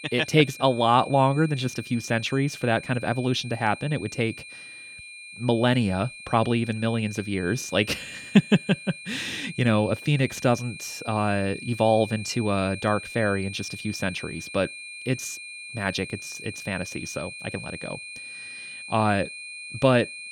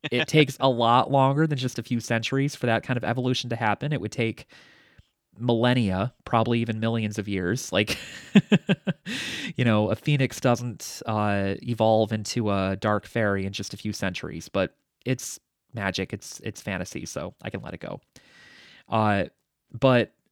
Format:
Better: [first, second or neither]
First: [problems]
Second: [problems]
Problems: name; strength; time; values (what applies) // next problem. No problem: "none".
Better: second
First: high-pitched whine; noticeable; throughout; 2.5 kHz, 15 dB below the speech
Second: none